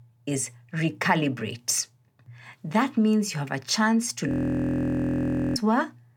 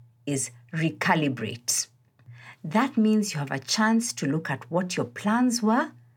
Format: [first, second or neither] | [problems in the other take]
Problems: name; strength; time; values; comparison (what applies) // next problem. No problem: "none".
second | audio freezing; at 4.5 s for 1.5 s